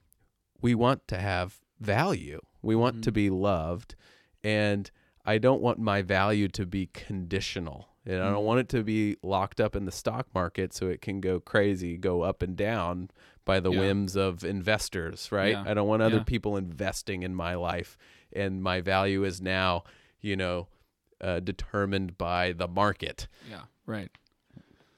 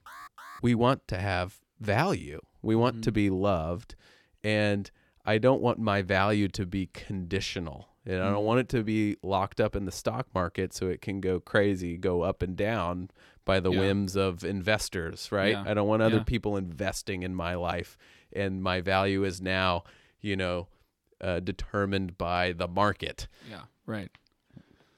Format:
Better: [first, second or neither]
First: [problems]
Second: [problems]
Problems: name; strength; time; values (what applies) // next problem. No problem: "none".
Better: first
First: none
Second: alarm; faint; at the start; peak 15 dB below the speech